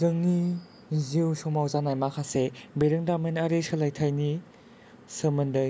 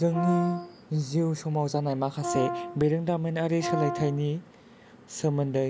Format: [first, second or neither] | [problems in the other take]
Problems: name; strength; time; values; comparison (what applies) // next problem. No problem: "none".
first | background sound (Brass instrument); 6 dB below the speech